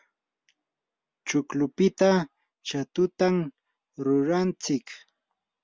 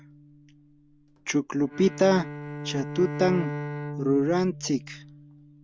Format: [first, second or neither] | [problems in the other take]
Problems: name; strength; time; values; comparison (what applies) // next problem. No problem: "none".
first | background sound (Bowed string instrument); 10 dB below the speech